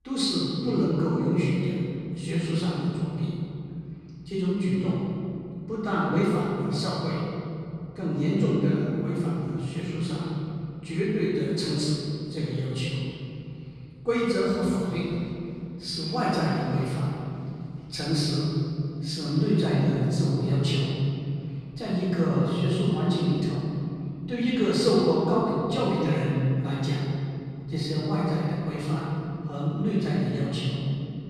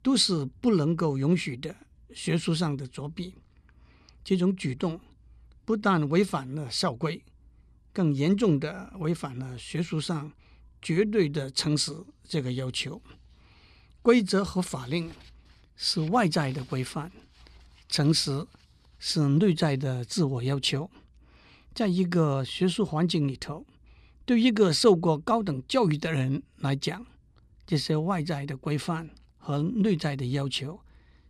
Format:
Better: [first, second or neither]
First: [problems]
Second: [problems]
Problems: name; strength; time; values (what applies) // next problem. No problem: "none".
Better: second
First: off-mic speech; far // room echo; strong; dies away in 3 s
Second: none